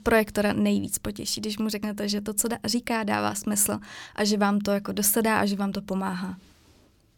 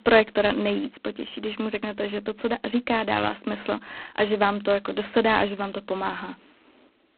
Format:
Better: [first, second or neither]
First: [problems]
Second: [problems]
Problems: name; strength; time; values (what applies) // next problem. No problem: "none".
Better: first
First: none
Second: phone-call audio; poor line; nothing above 4 kHz